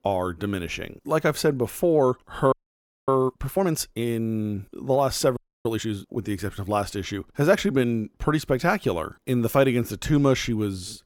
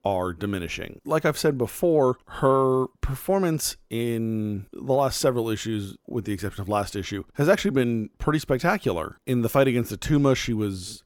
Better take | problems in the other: second | audio freezing; at 2.5 s for 0.5 s and at 5.5 s

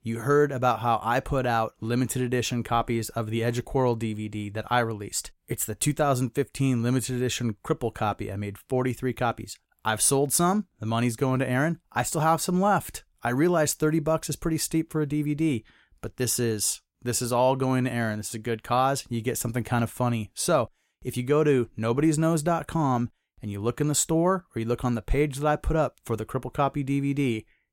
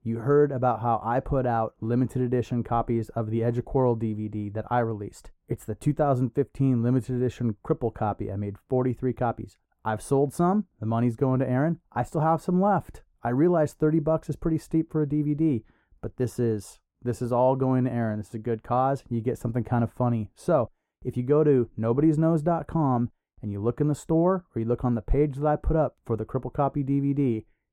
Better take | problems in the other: first | muffled; very; fading above 1.5 kHz

